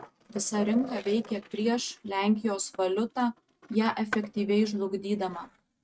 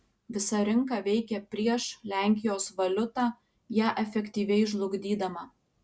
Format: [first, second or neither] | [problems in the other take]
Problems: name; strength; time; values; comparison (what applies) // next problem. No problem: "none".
second | noise reduction (neural mask model RNNoise)